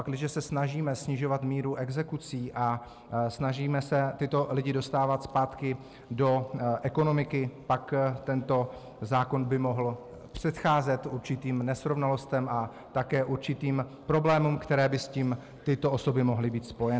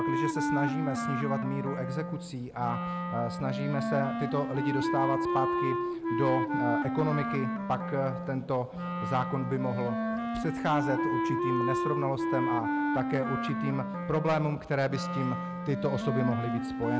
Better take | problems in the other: first | background sound (Wind instrument, woodwind instrument); as loud as the speech

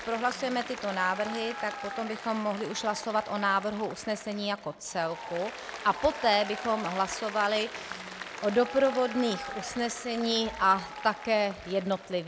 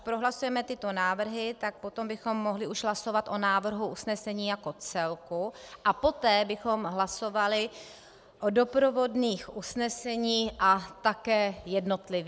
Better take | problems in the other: second | background sound (Applause); 11 dB below the speech

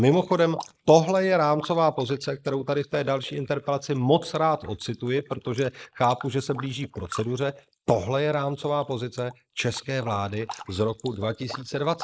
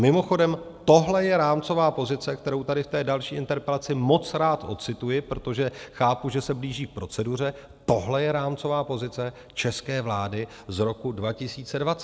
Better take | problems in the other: second | noise reduction (neural mask model Resemble Enhance denoiser)

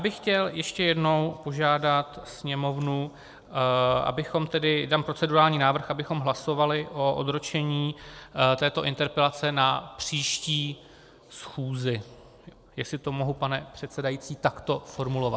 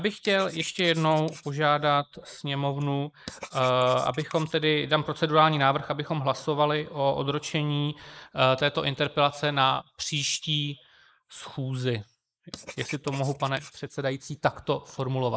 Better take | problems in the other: first | noise reduction (neural mask model Resemble Enhance denoiser)

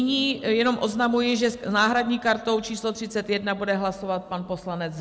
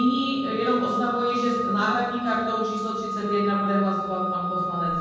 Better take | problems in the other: first | background sound (Organ); 3 dB below the speech // room echo; dies away in 1.3 s

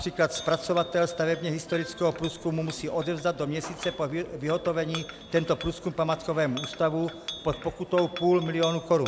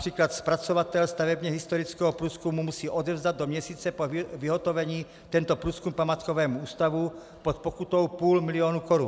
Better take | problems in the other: second | background sound (Chink, clink); 14 dB below the speech

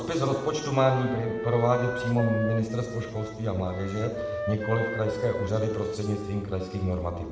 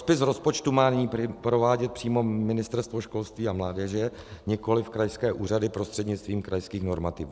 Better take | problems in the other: second | background sound (Wind instrument, woodwind instrument); 8 dB below the speech // room echo; dies away in 1 s

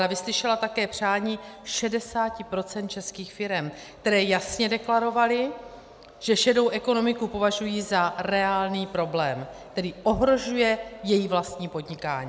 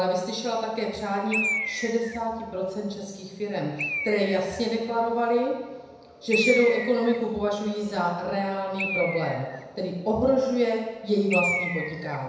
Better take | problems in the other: first | background sound (Bird); 8 dB below the speech // room echo; dies away in 1 s

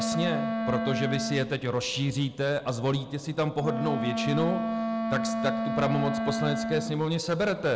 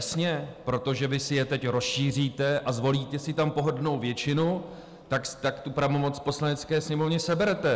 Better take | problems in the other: second | background sound (Wind instrument, woodwind instrument); 3 dB below the speech

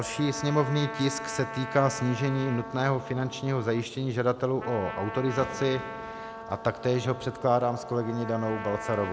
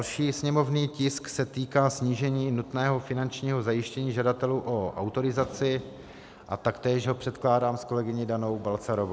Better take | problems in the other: second | background sound (Trumpet); 11 dB below the speech

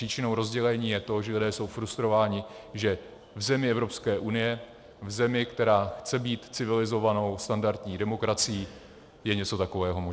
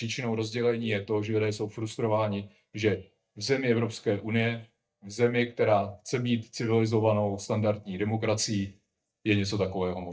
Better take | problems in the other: first | noise reduction (neural mask model DeepFilterNet 3)

